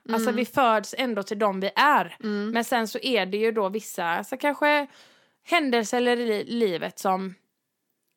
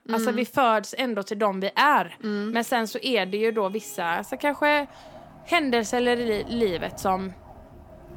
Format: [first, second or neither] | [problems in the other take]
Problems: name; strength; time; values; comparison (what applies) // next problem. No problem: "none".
first | traffic noise; faint; throughout; 20 dB below the speech